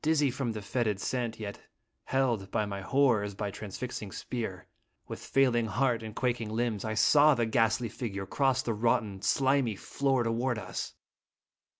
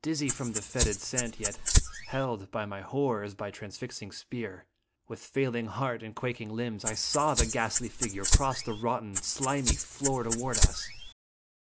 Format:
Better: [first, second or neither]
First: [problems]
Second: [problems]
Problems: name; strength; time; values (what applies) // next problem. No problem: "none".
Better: first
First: none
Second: background sound (Rattle (instrument)); 4 dB above the speech